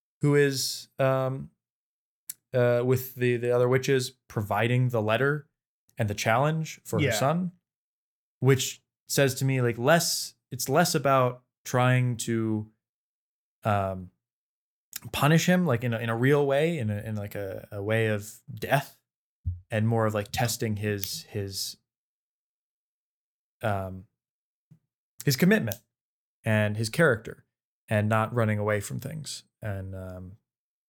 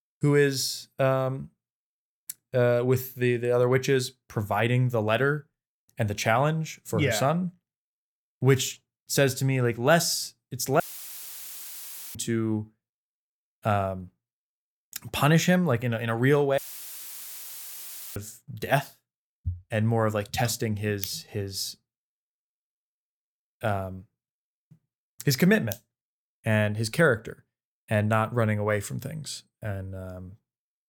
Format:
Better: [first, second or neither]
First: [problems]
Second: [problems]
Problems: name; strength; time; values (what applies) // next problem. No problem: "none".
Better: first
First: none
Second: audio cutting out; filled with static; at 11 s for 1.5 s and at 17 s for 1.5 s